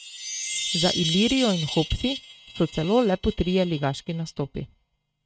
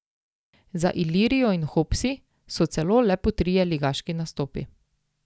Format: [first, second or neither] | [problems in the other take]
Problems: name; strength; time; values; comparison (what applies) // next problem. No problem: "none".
second | noise reduction (neural mask model RNNoise)